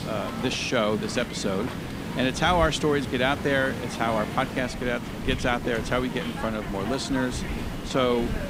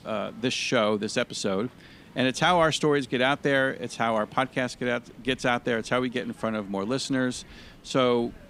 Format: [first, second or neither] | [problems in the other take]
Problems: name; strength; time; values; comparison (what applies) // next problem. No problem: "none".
second | hiss; loud; throughout; 6 dB below the speech; faint in the second